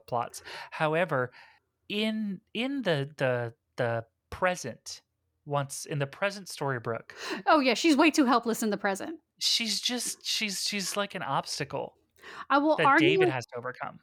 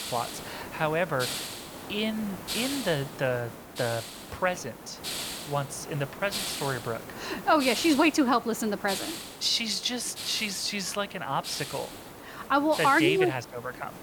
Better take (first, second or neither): first